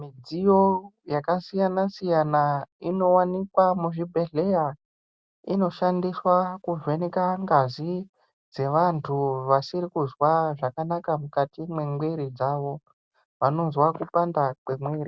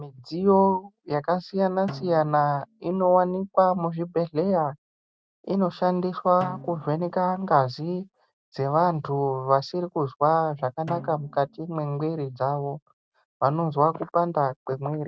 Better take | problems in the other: first | noise reduction (neural mask model RNNoise)

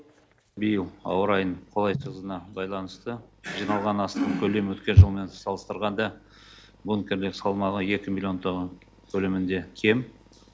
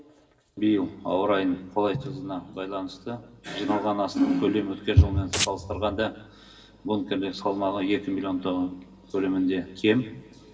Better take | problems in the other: first | background sound (Domestic sounds, home sounds); 5 dB below the speech // room echo; dies away in 2 s

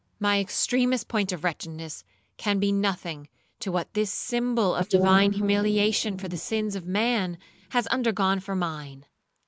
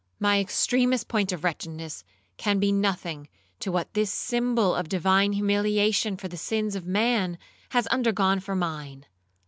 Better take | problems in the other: second | noise reduction (neural mask model Resemble Enhance denoiser)

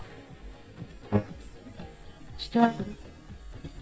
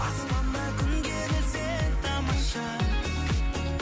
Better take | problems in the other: second | noise reduction (neural mask model DeepFilterNet 3)

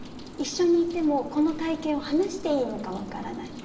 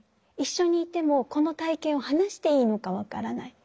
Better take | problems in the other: second | background sound (Rain); 13 dB below the speech // room echo; dies away in 1.2 s

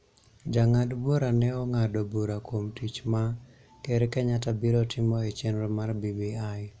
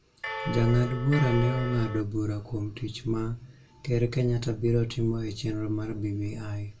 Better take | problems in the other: first | background sound (Bell); 8 dB below the speech // room echo; dies away in 0.2 s

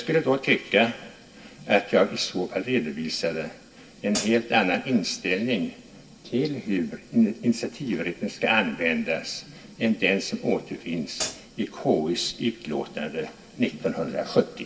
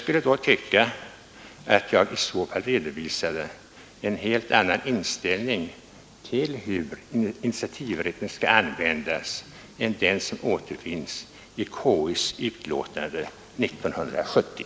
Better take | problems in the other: second | background sound (Hi-hat); 7 dB below the speech // room echo; dies away in 0.2 s

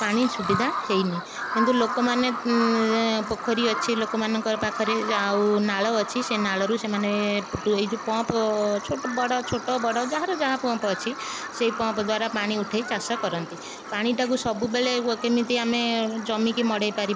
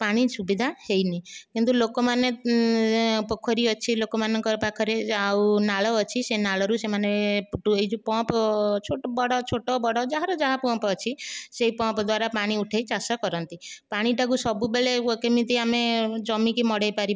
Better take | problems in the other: second | background sound (Bird vocalization, bird call, bird song); 8 dB below the speech

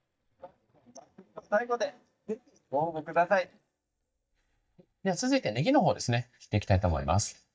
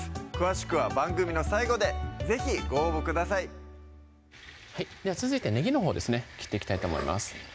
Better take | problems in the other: second | noise reduction (neural mask model DeepFilterNet 3)

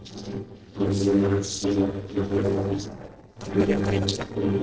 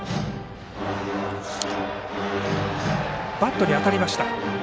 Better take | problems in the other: second | noise reduction (neural separator model SepFormer DNS4)

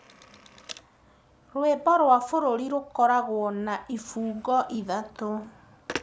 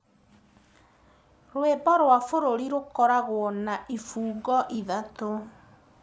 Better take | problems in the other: second | background sound (Telephone); 19 dB below the speech

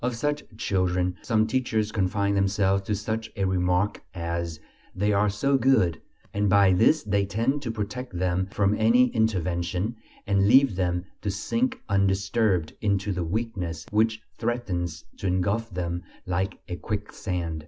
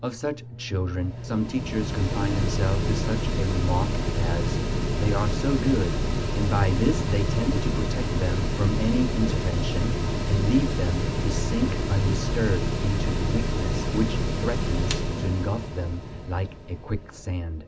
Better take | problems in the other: first | background sound (Mechanical fan); 2 dB above the speech

